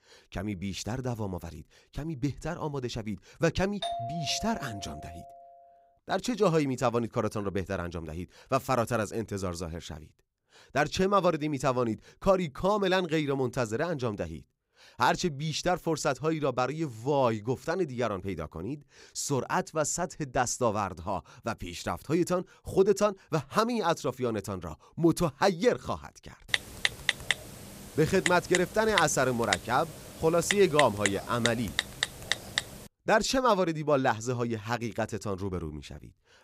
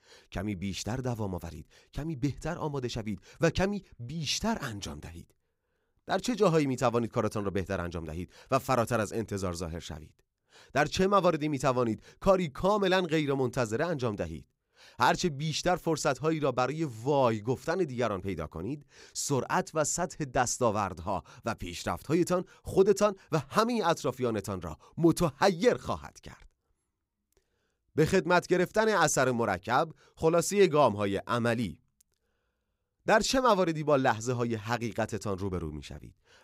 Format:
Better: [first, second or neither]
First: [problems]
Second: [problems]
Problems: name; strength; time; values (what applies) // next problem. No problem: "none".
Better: second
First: doorbell; noticeable; from 4 to 5.5 s; peak 5 dB below the speech // keyboard typing; loud; from 27 to 33 s; peak 1 dB above the speech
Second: none